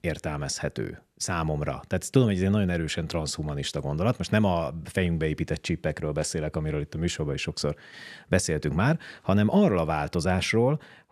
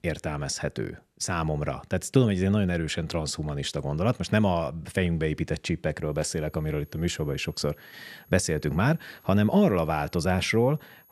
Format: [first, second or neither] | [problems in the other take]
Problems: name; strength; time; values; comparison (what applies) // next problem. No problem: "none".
first | high-pitched whine; faint; from 6 s on; 11.5 kHz, 30 dB below the speech